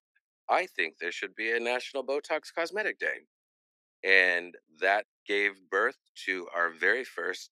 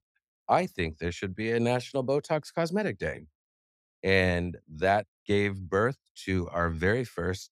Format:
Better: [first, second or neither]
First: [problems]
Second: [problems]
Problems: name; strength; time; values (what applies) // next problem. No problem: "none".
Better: second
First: thin; very; fading below 300 Hz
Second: none